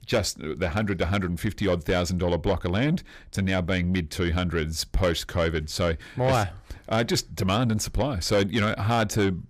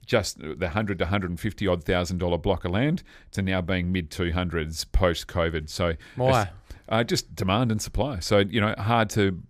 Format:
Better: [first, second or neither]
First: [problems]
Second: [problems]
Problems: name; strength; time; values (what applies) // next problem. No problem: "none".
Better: second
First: distortion; slight; 10 dB below the speech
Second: none